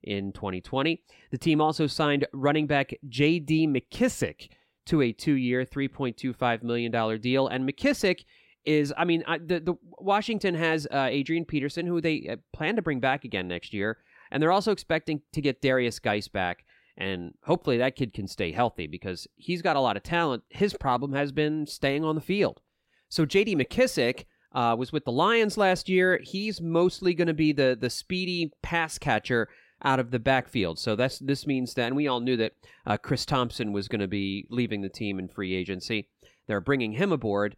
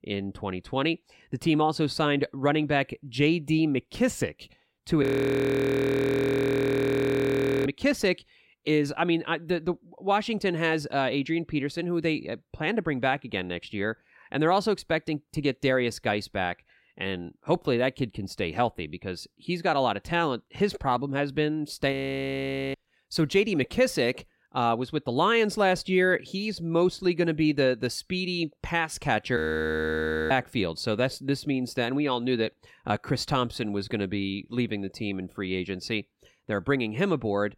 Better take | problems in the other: first | audio freezing; at 5 s for 2.5 s, at 22 s for 1 s and at 29 s for 1 s

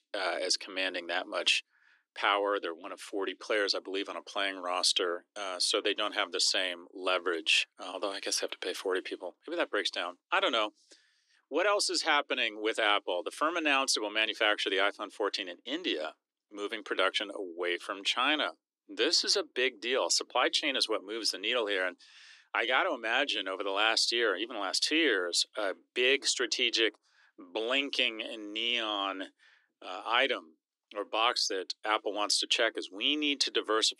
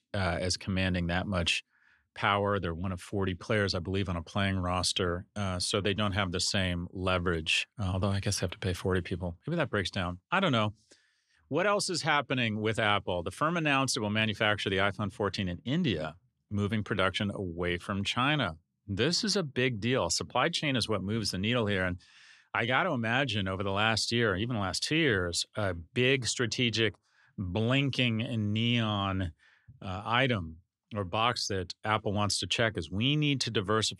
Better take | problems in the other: second | thin; somewhat; fading below 300 Hz

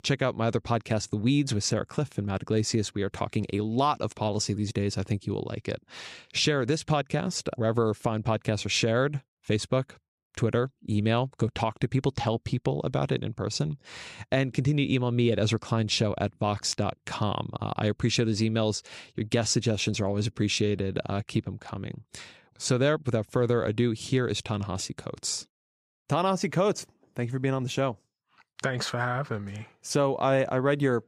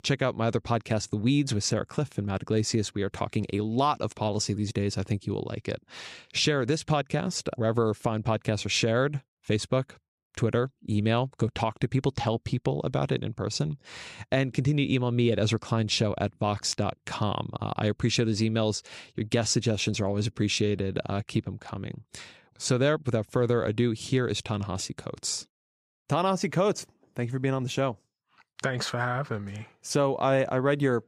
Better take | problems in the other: neither | none

